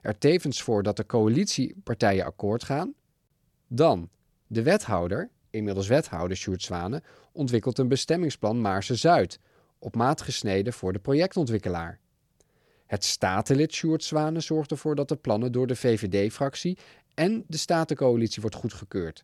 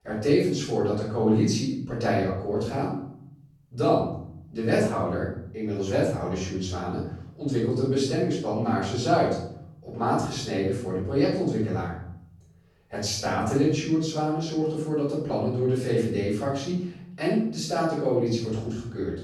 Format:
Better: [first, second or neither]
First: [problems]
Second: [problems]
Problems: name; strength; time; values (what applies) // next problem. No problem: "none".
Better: first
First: none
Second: off-mic speech; far // room echo; noticeable; dies away in 0.7 s